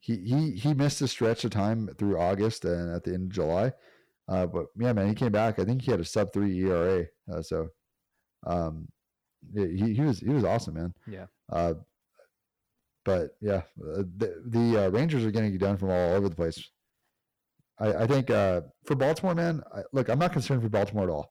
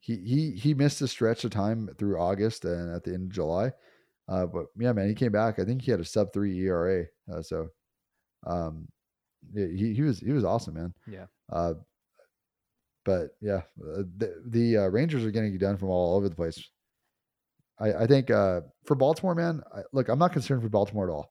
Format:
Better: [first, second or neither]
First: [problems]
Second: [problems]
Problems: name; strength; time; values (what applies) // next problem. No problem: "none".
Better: second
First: distortion; slight; 7% of the sound clipped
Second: none